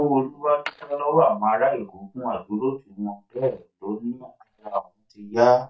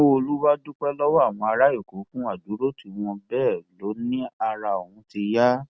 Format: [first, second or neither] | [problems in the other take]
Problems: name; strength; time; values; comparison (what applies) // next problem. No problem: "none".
second | noise reduction (neural mask model DeepFilterNet 3)